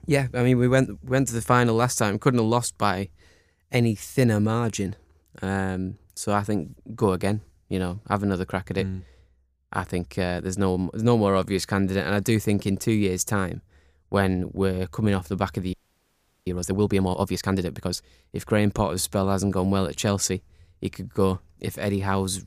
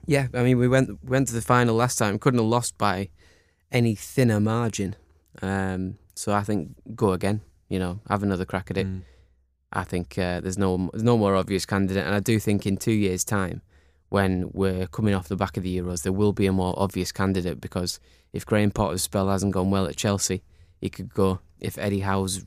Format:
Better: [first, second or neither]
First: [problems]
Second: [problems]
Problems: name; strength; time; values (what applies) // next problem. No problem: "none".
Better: second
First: audio freezing; at 16 s for 0.5 s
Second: none